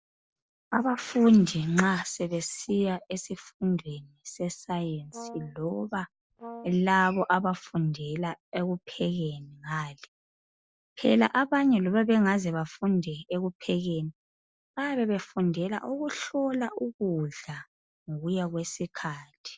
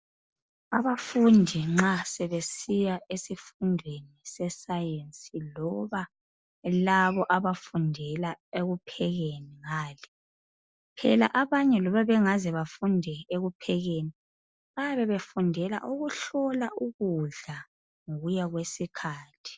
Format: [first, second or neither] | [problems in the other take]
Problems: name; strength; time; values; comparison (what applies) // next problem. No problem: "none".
second | background sound (Brass instrument); 16 dB below the speech